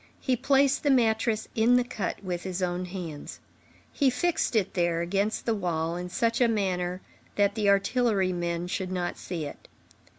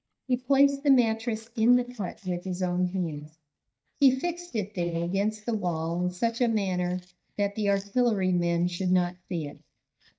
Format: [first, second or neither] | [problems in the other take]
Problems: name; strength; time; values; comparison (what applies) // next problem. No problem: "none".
first | noise reduction (neural mask model DeepFilterNet 3)